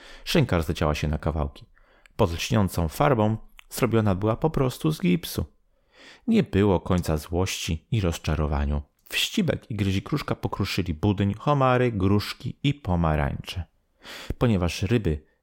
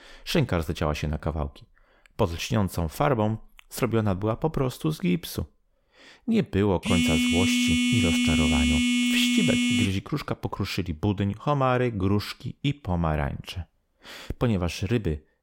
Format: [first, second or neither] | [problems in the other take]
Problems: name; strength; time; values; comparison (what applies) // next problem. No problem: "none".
first | phone ringing; loud; from 7 to 10 s; peak 5 dB above the speech